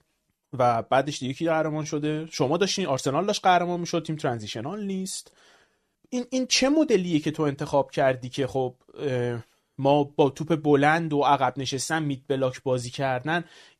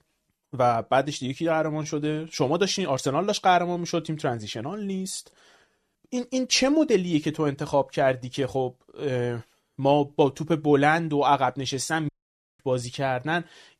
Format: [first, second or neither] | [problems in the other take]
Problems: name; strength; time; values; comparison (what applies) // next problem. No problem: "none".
first | audio cutting out; at 12 s for 0.5 s